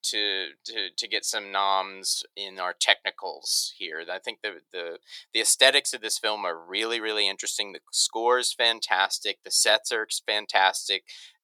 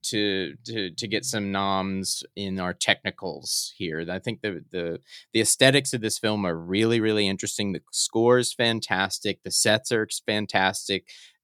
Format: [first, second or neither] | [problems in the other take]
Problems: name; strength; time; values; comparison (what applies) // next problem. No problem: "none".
second | thin; very; fading below 550 Hz